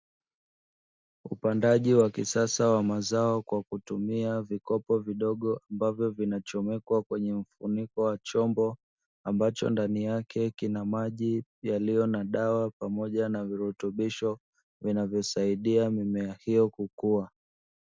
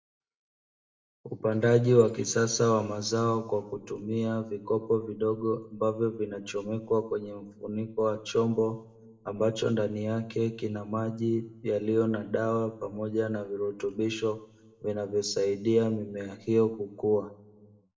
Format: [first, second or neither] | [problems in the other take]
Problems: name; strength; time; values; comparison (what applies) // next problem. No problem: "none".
first | room echo; dies away in 0.6 s